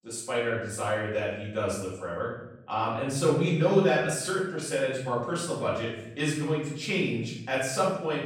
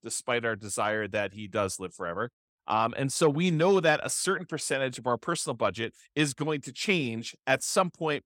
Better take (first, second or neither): second